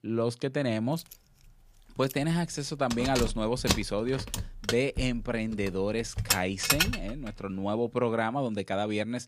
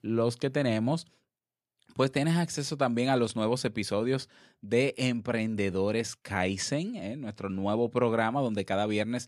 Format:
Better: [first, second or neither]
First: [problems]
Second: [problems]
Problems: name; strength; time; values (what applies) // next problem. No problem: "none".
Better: second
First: jangling keys; loud; from 2 to 7 s; peak 5 dB above the speech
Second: none